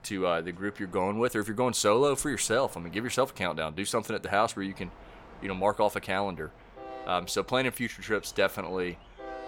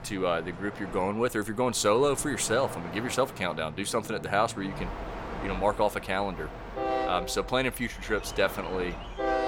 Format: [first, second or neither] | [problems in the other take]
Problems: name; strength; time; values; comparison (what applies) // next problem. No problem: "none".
first | train or aircraft noise; loud; throughout; 9 dB below the speech; faint in the first